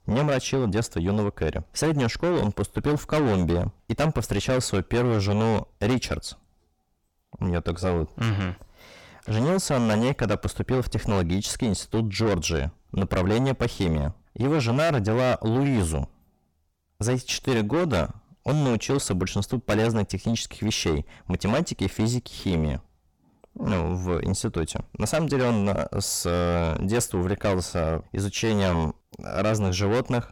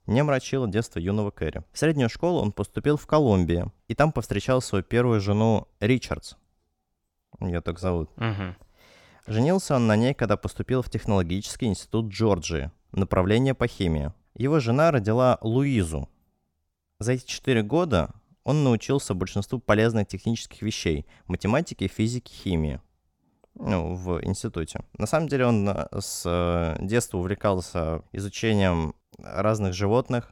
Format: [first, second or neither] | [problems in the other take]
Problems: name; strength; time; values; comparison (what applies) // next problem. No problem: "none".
second | distortion; heavy; 5 dB below the speech